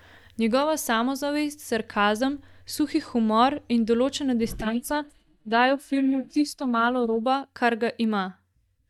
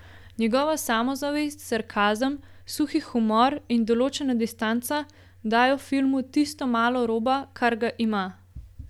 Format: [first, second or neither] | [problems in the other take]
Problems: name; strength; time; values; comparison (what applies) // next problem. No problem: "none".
second | noise reduction (neural mask model DeepFilterNet 3)